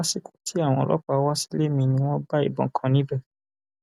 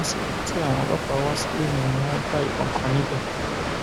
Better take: first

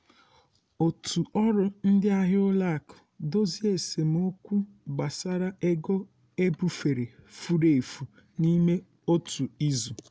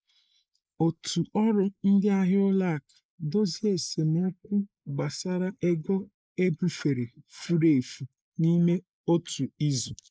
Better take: first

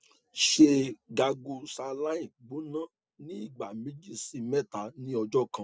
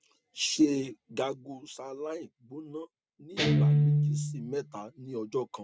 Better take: first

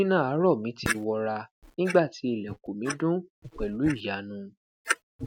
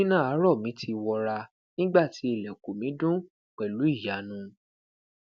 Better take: second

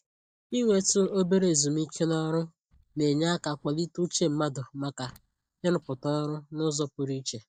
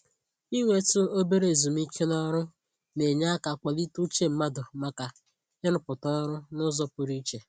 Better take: second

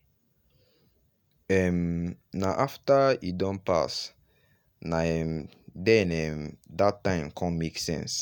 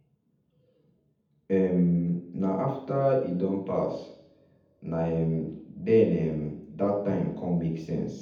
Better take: first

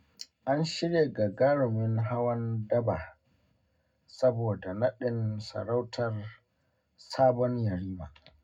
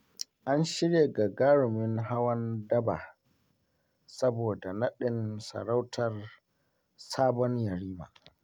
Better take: second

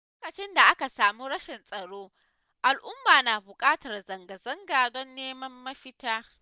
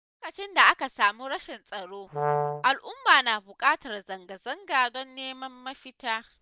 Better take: first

